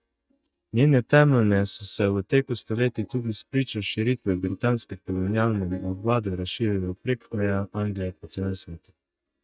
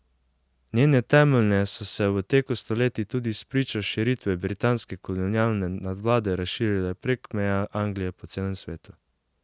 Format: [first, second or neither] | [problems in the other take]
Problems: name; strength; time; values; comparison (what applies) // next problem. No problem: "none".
second | noise reduction (neural mask model DeepFilterNet 3)